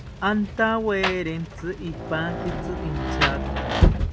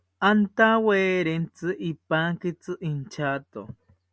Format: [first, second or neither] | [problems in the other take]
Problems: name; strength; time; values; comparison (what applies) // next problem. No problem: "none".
second | background sound (Rain); 2 dB above the speech